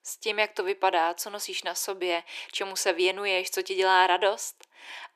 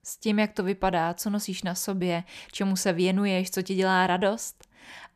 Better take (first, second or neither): second